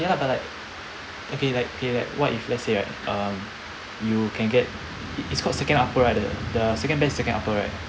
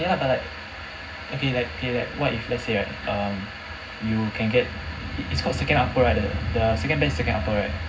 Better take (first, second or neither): first